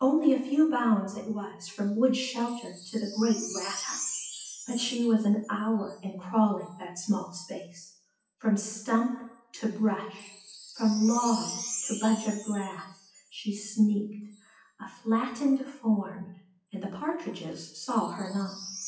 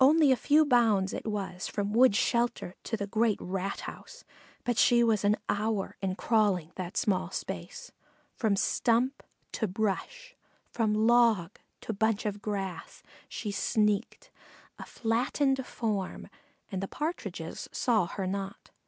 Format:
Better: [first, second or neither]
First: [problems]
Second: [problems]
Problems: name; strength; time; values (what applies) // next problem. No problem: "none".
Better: second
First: noise reduction (classical method WPE with log-MMSE)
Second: none